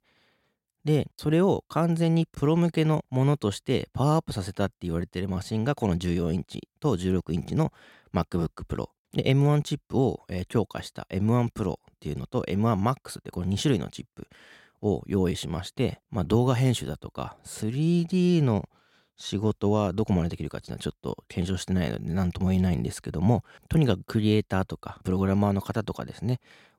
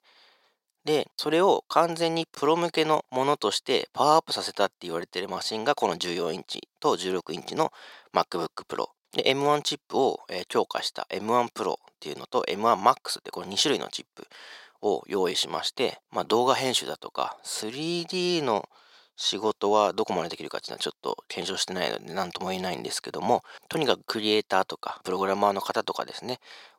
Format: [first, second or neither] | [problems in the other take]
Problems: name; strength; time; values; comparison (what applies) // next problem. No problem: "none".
first | thin; very; fading below 500 Hz